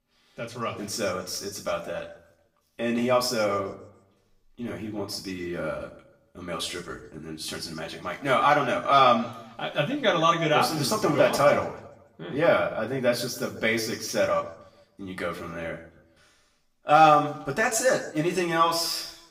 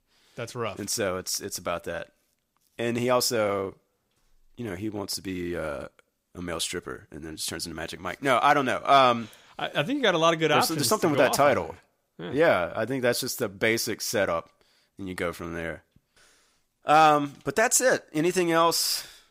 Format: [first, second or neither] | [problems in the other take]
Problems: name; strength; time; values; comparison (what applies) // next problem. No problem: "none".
second | room echo; slight; dies away in 0.6 s // off-mic speech; far